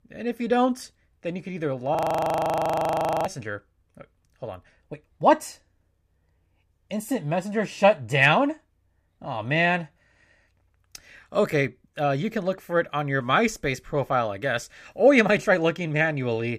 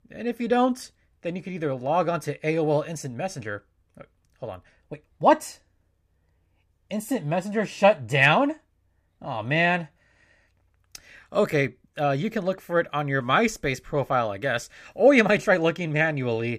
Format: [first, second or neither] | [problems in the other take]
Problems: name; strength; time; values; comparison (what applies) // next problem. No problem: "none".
second | audio freezing; at 2 s for 1.5 s